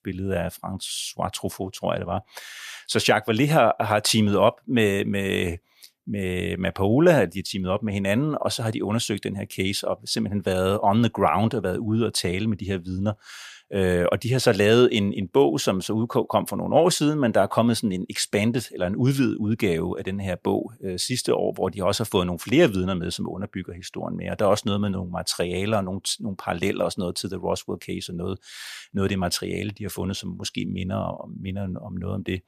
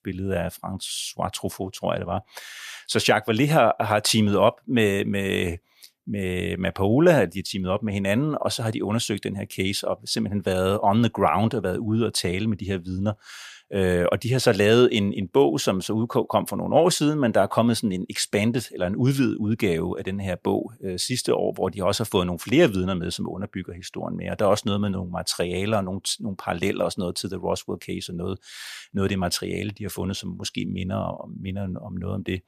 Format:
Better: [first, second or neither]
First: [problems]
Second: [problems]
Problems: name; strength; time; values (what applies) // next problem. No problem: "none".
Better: neither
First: none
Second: none